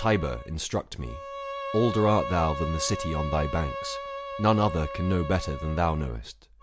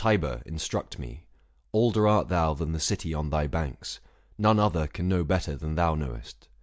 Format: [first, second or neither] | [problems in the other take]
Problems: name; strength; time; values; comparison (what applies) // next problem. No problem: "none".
second | background sound (Bowed string instrument); 9 dB below the speech